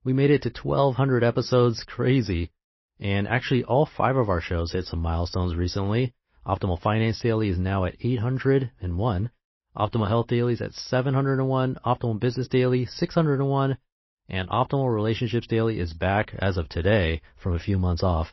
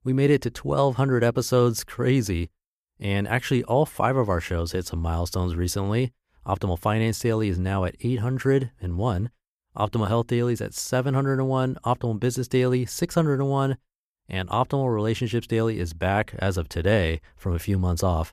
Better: second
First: garbled, watery; slightly; nothing above 5.5 kHz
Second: none

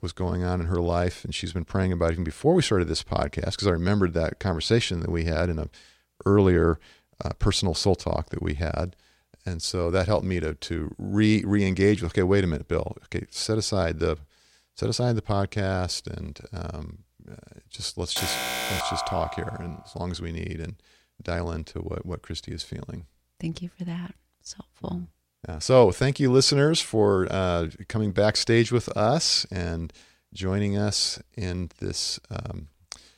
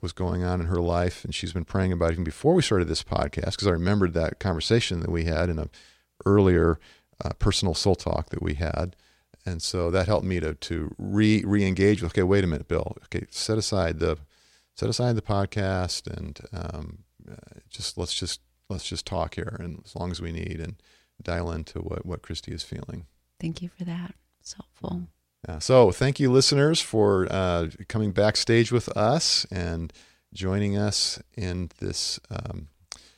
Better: second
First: alarm; noticeable; from 18 to 20 s; peak 2 dB below the speech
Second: none

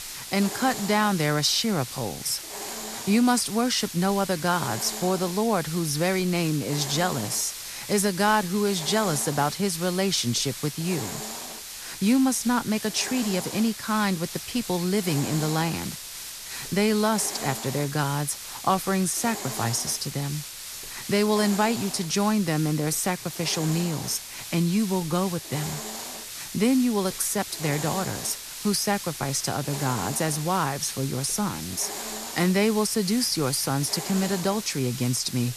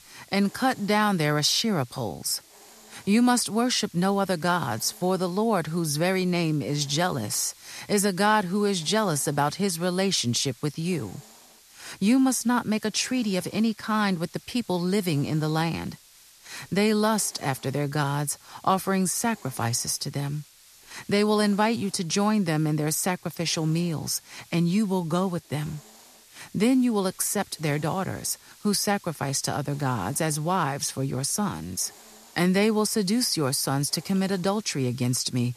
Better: second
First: hiss; loud; throughout; 9 dB below the speech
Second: hiss; faint; throughout; 25 dB below the speech

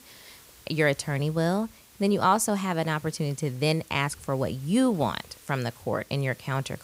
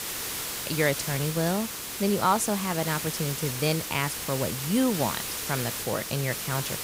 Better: first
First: hiss; faint; throughout; 25 dB below the speech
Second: hiss; loud; throughout; 3 dB below the speech

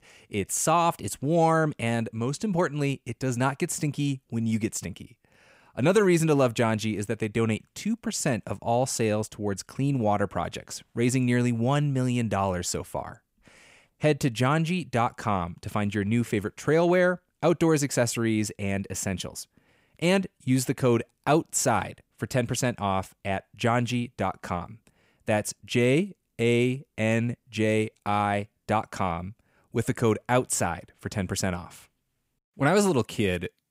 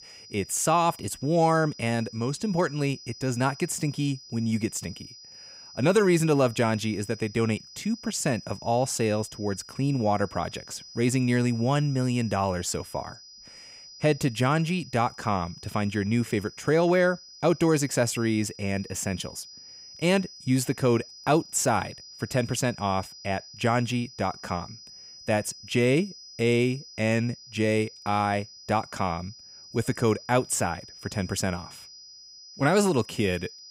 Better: first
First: none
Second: high-pitched whine; noticeable; throughout; 5 kHz, 20 dB below the speech

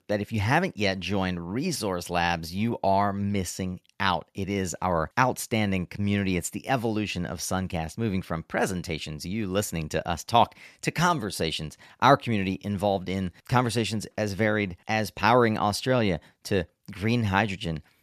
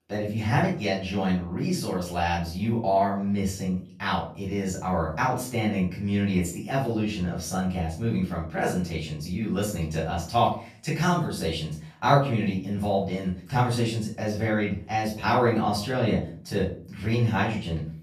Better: first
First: none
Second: room echo; noticeable; dies away in 0.4 s // off-mic speech; far

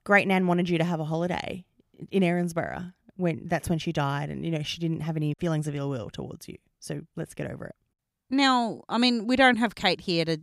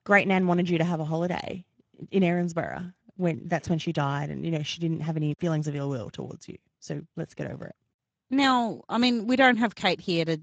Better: first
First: none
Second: garbled, watery; slightly; nothing above 7.5 kHz

